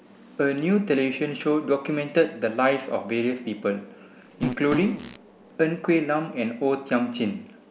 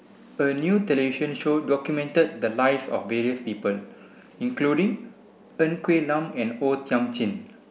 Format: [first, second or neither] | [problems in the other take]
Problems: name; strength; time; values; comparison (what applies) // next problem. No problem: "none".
second | background sound (Fart); 10 dB below the speech